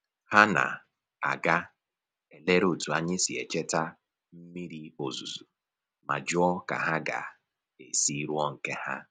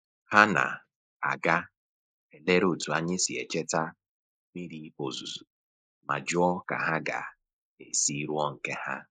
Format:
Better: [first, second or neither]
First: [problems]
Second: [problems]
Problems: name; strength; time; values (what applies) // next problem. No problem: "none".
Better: first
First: none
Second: noise reduction (neural mask model Resemble Enhance denoiser)